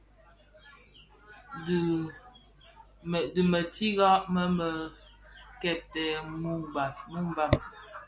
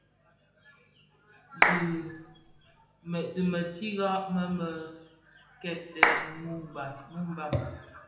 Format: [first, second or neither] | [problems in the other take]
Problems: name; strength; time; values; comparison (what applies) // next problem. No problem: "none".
first | background sound (Clapping); 5 dB above the speech // room echo; dies away in 0.8 s